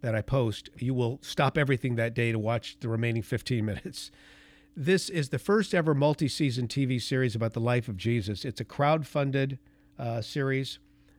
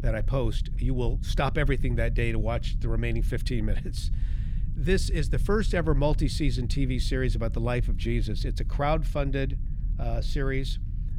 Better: first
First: none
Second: low rumble; noticeable; throughout; 20 dB below the speech

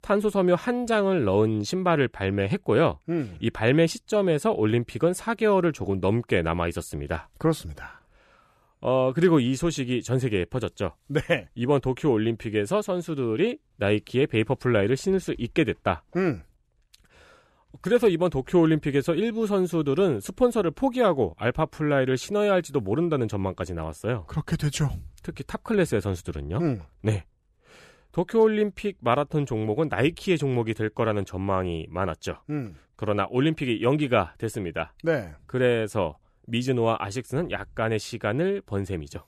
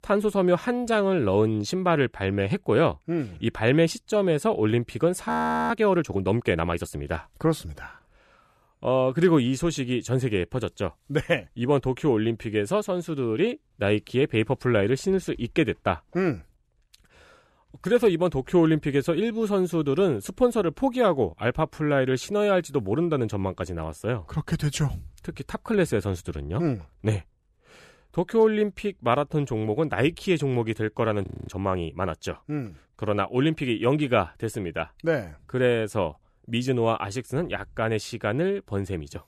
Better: first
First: none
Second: audio freezing; at 5.5 s and at 31 s

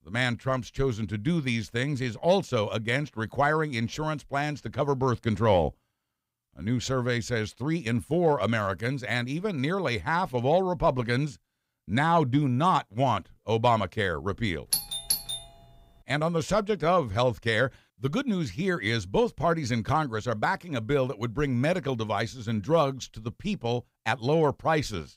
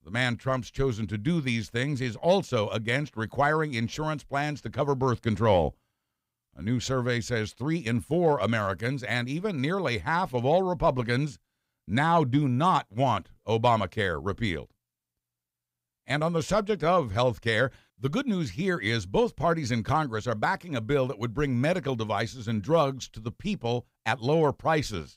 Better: second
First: doorbell; loud; at 15 s; peak 1 dB above the speech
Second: none

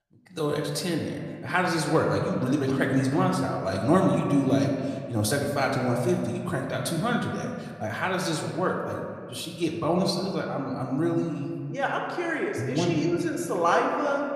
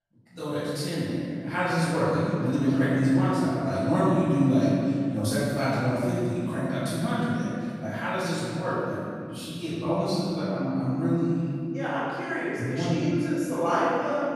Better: first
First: room echo; slight; dies away in 1.7 s // off-mic speech; somewhat distant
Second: room echo; strong; dies away in 2.7 s // off-mic speech; far

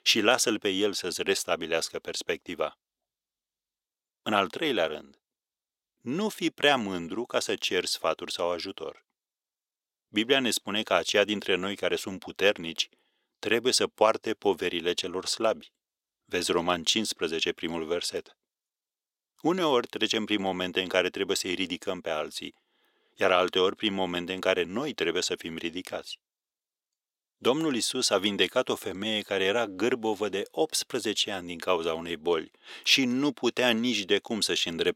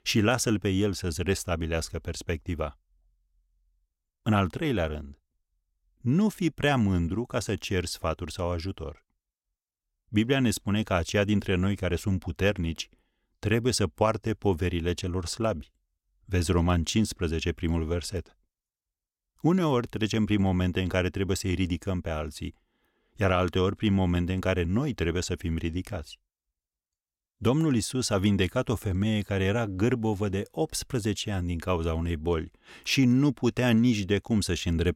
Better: second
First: thin; somewhat; fading below 400 Hz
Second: none

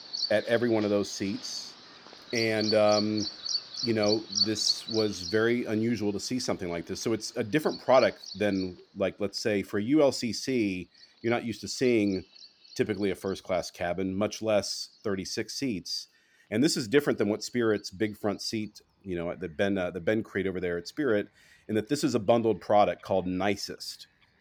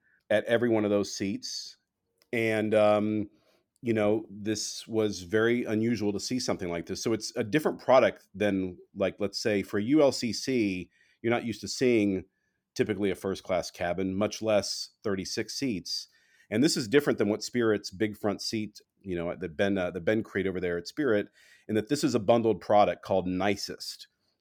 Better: second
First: animal sounds; loud; throughout; 5 dB below the speech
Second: none

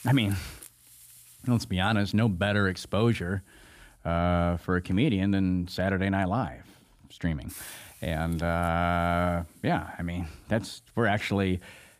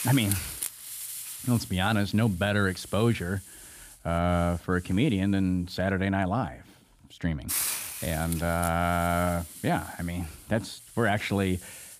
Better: first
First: hiss; faint; throughout; 25 dB below the speech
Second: hiss; loud; throughout; 8 dB below the speech

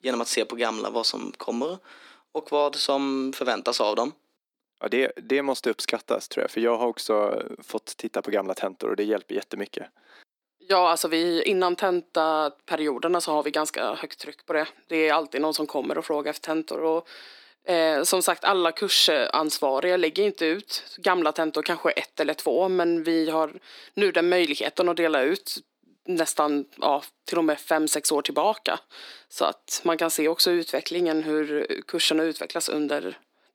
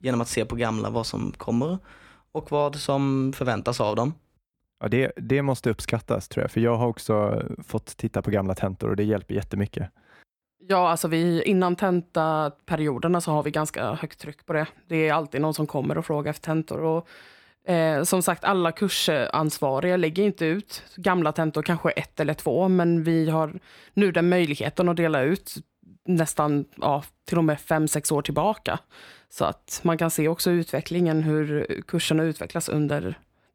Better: second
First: thin; somewhat; fading below 250 Hz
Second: none

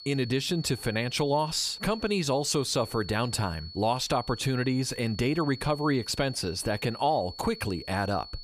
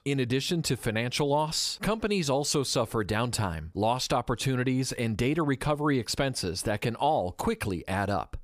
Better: second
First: high-pitched whine; noticeable; throughout; 4.5 kHz, 15 dB below the speech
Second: none

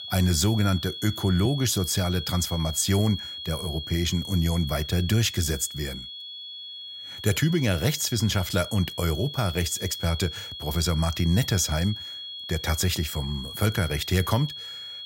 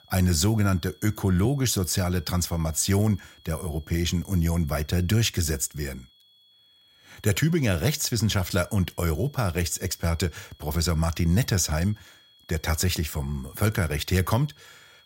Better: second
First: high-pitched whine; loud; throughout; 3.5 kHz, 9 dB below the speech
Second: high-pitched whine; faint; throughout; 3.5 kHz, 30 dB below the speech

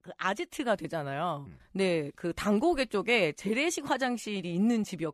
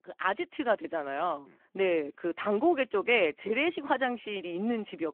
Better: first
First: none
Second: phone-call audio

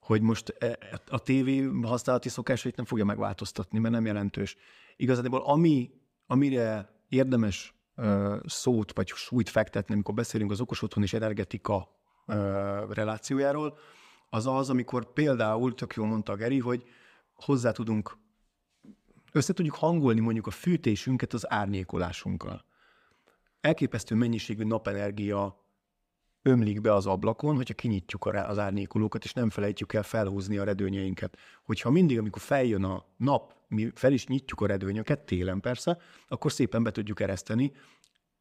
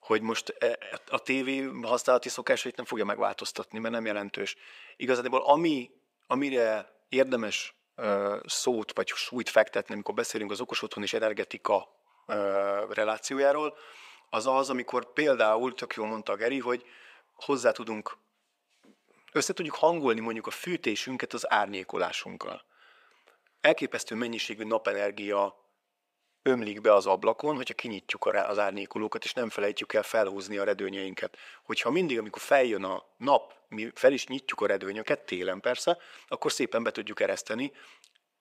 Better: first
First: none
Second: thin; somewhat; fading below 500 Hz

